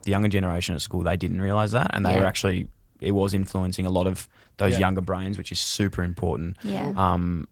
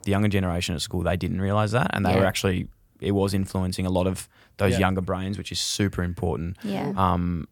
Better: second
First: garbled, watery; slightly; nothing above 18 kHz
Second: none

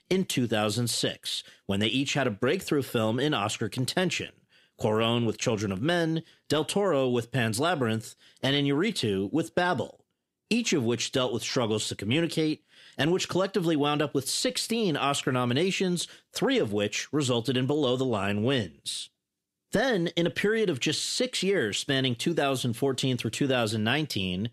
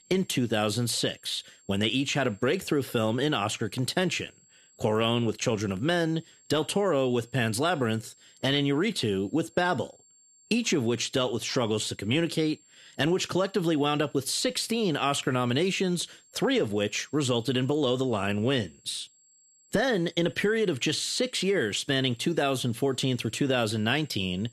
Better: first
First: none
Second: high-pitched whine; faint; throughout; 7.5 kHz, 30 dB below the speech

